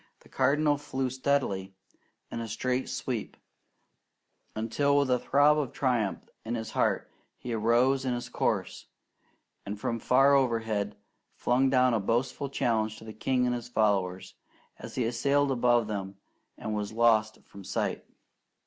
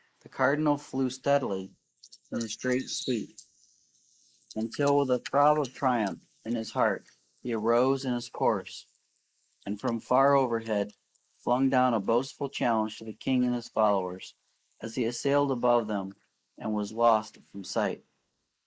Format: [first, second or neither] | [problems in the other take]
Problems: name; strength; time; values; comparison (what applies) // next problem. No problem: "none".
first | noise reduction (neural mask model Resemble Enhance denoiser)